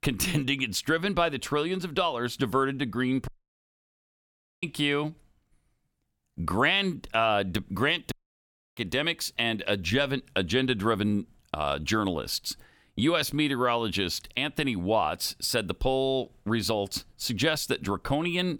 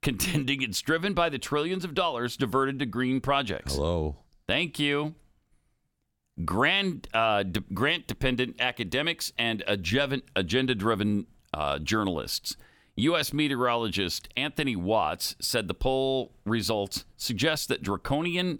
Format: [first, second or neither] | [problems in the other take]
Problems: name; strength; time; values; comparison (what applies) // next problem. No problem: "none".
second | audio cutting out; at 3.5 s for 1.5 s and at 8 s for 0.5 s